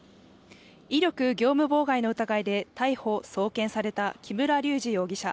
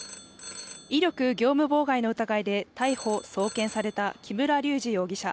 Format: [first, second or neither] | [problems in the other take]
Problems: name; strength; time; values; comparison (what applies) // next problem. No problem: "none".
first | background sound (Telephone); 18 dB below the speech